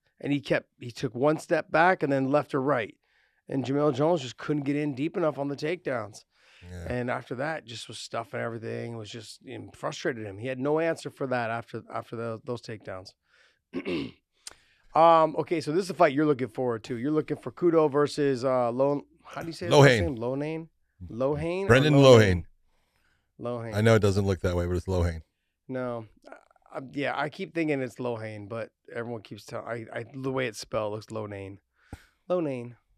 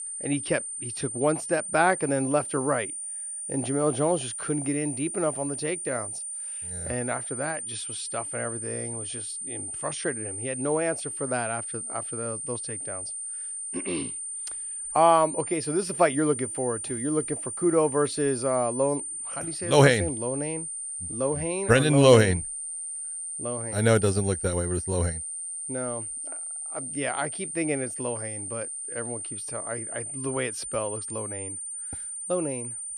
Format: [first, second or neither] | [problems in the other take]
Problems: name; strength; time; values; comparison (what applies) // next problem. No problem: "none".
first | high-pitched whine; loud; throughout; 9 kHz, 5 dB below the speech